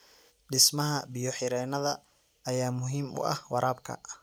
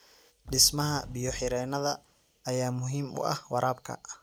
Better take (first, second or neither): first